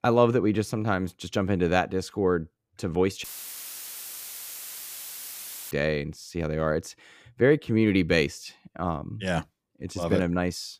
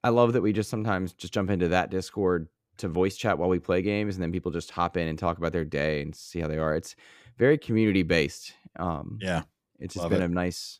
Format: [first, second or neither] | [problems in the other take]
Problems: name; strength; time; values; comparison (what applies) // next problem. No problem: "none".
second | audio cutting out; filled with static; at 3 s for 2.5 s